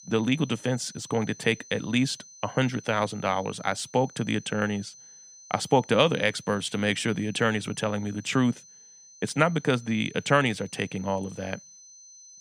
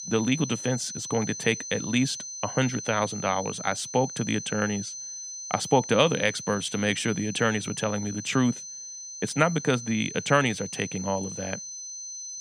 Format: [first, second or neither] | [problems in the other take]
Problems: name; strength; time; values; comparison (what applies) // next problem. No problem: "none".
first | high-pitched whine; loud; throughout; 6 kHz, 9 dB below the speech; faint in the first